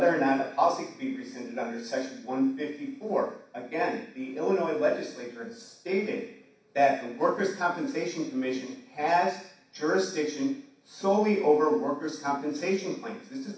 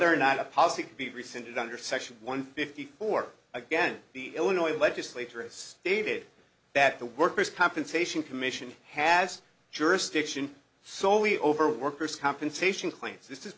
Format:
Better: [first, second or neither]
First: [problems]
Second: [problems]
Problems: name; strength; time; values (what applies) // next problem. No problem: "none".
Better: second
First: room echo; dies away in 0.6 s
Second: none